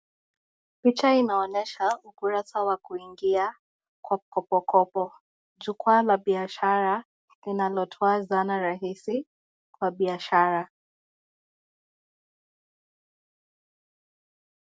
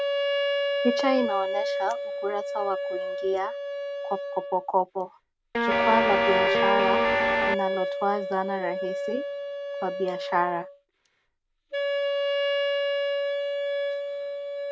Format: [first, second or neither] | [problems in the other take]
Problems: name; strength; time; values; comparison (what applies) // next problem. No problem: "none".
first | background sound (Guitar + Wind instrument, woodwind instrument); 3 dB above the speech